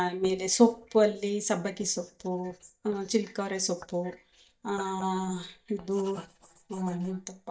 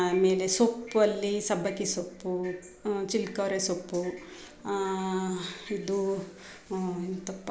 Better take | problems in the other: second | noise reduction (neural mask model DeepFilterNet 3)

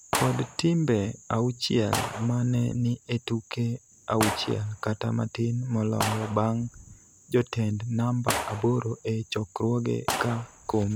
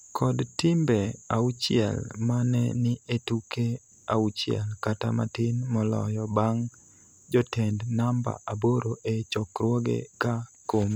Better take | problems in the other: second | background sound (Gunshot, gunfire); 9 dB below the speech

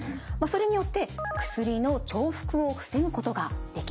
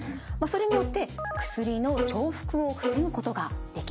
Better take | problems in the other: first | background sound (Bowed string instrument); 4 dB below the speech

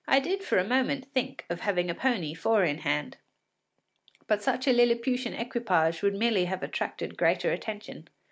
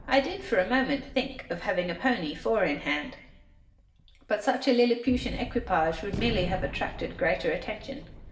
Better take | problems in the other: first | background sound (Gunshot, gunfire); 12 dB below the speech // room echo; dies away in 0.7 s

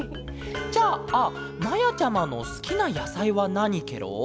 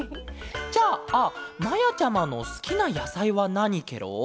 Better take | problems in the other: second | background sound (Piano); 12 dB below the speech

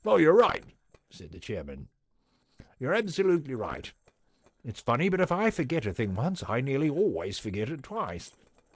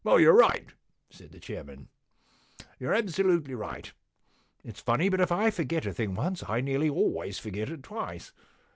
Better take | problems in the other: second | noise reduction (neural separator model SepFormer DNS4)

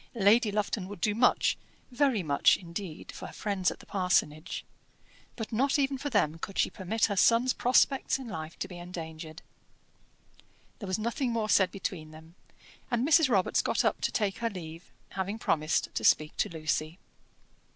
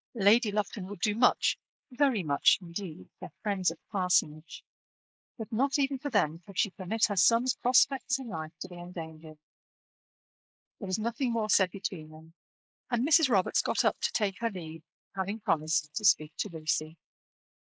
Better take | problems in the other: first | noise reduction (neural mask model Resemble Enhance denoiser)

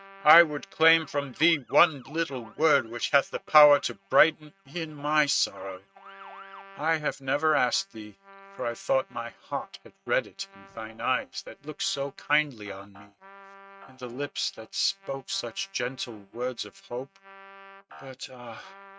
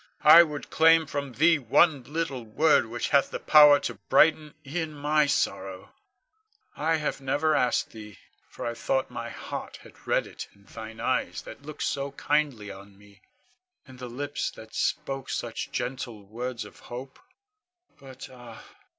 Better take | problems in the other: second | noise reduction (neural mask model RNNoise)

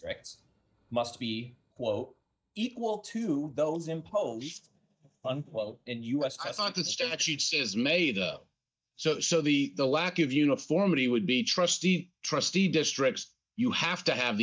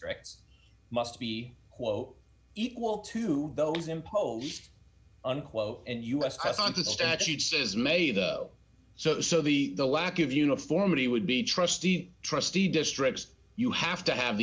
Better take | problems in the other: second | noise reduction (neural mask model DeepFilterNet 3)

